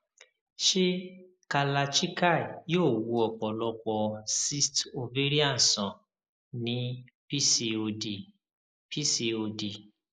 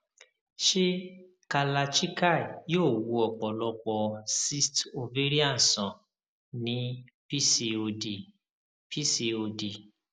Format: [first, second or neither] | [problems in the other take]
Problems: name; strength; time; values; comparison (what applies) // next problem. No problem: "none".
second | noise reduction (neural mask model Resemble Enhance denoiser)